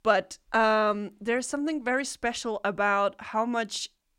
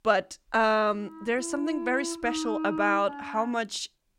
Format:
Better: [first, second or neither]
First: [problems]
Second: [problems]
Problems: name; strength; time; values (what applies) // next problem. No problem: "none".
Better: first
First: none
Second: background music; loud; from 1.5 s on; 7 dB below the speech